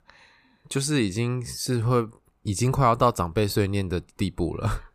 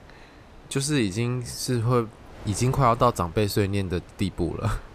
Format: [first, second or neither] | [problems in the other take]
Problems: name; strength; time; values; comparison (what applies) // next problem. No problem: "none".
first | wind noise on the microphone; occasional gusts; 20 dB below the speech